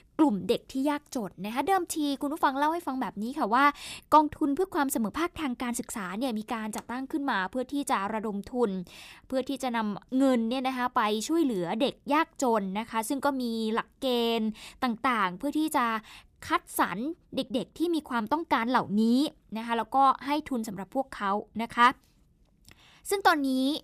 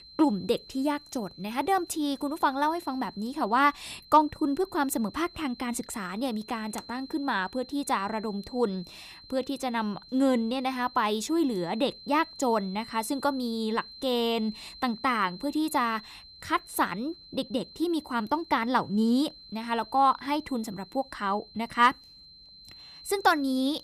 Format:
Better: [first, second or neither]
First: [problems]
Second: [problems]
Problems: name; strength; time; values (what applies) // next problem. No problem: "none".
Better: first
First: none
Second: high-pitched whine; noticeable; throughout; 4 kHz, 20 dB below the speech